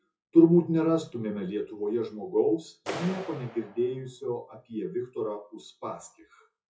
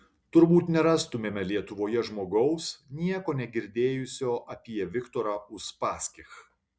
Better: second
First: noise reduction (classical method WPE with log-MMSE)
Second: none

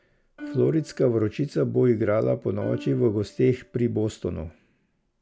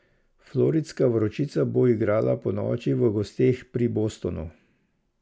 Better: second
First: background sound (Plucked string instrument); 19 dB below the speech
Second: none

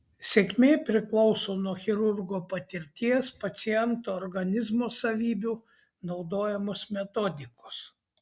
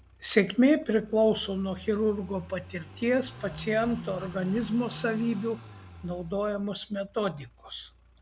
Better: first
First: none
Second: background sound (Car passing by / Idling); 16 dB below the speech

